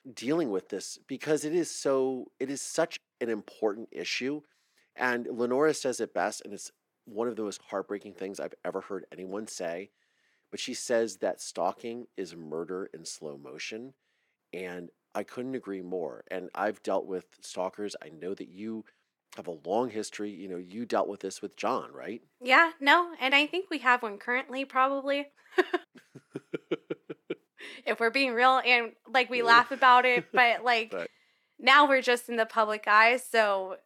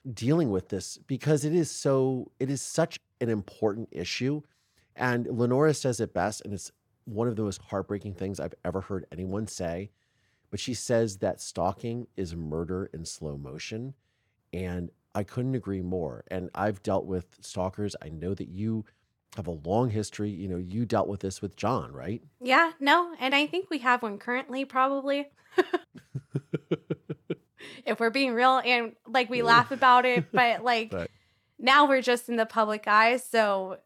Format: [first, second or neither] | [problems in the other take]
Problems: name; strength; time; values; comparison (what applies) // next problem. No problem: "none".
second | thin; very slightly; fading below 250 Hz